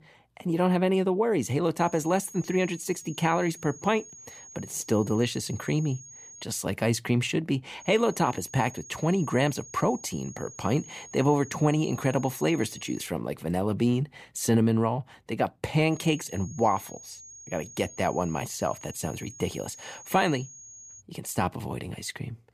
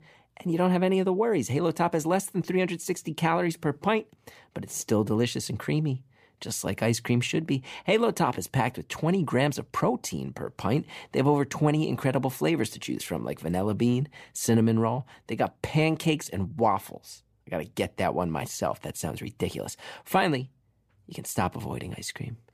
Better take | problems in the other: second | high-pitched whine; noticeable; from 2 to 6.5 s, from 8 to 13 s and from 16 to 21 s; 6.5 kHz, 15 dB below the speech

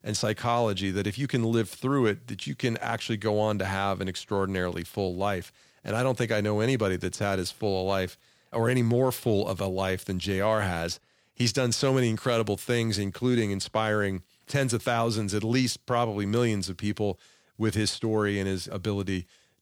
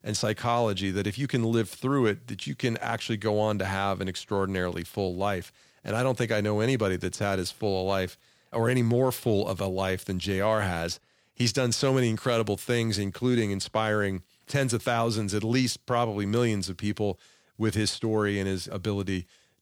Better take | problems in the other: neither | none

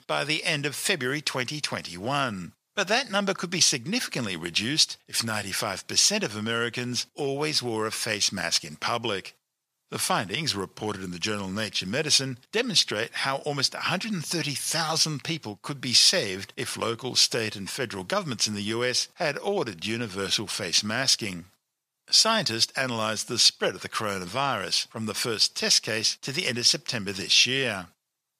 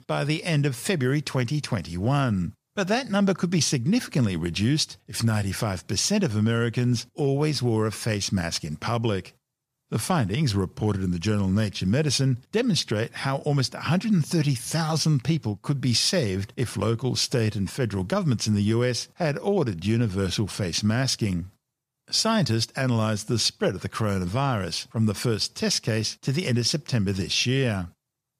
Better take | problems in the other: second | thin; somewhat; fading below 800 Hz

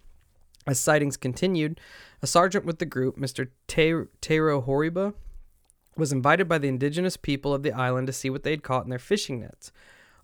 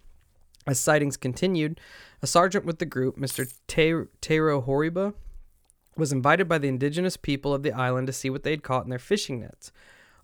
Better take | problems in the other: first | jangling keys; noticeable; at 3.5 s; peak 10 dB below the speech

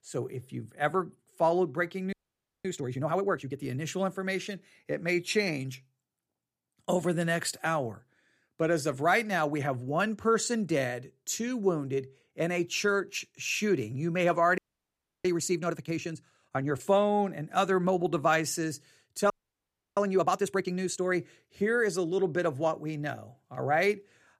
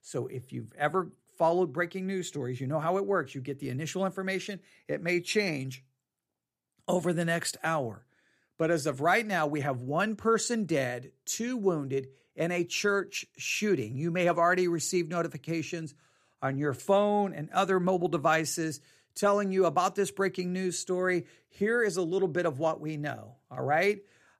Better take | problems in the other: second | audio freezing; at 2 s for 0.5 s, at 15 s for 0.5 s and at 19 s for 0.5 s

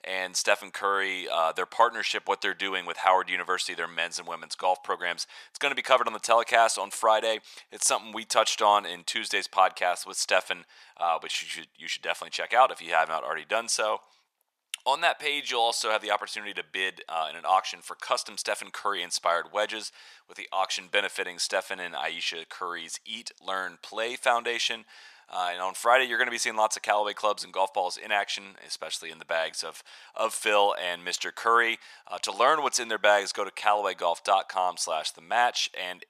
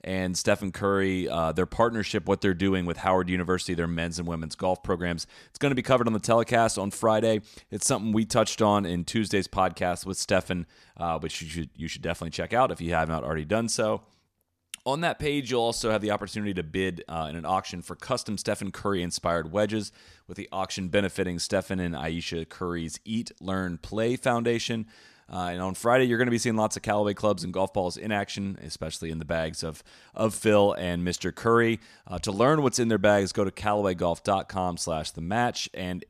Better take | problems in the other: second | thin; very; fading below 800 Hz

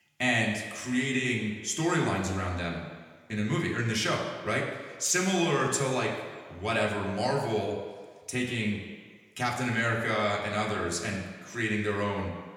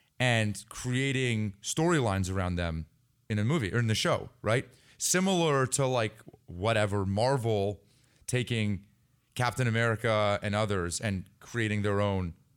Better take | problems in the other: second | room echo; noticeable; dies away in 1.3 s // off-mic speech; somewhat distant

